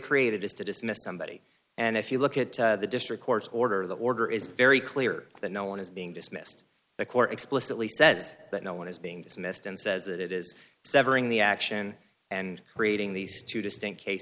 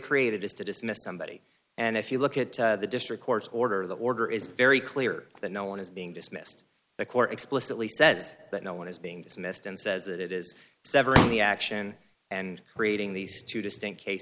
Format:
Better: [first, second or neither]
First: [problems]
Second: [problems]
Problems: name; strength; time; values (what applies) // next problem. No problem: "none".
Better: first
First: none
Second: background sound (Explosion); 2 dB above the speech